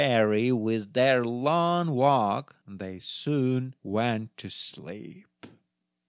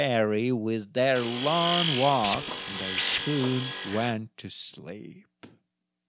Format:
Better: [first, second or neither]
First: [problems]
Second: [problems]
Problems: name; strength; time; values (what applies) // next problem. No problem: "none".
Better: first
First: none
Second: background sound (Tools + Tools); 3 dB below the speech